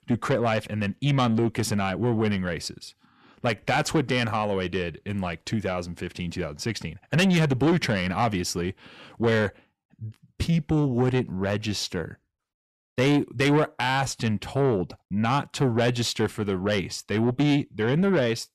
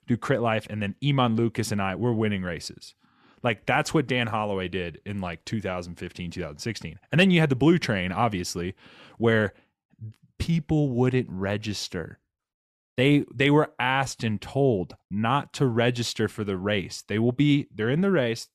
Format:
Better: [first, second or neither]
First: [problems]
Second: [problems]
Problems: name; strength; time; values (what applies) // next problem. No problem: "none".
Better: second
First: distortion; slight; 10 dB below the speech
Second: none